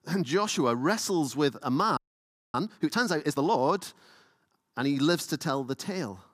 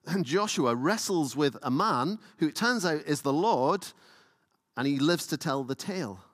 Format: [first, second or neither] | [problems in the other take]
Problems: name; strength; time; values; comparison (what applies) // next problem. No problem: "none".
second | audio freezing; at 2 s for 0.5 s